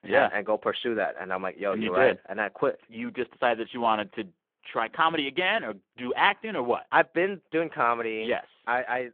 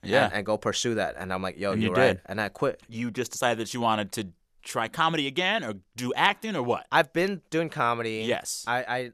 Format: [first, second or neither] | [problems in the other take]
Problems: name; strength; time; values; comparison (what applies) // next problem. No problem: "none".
second | phone-call audio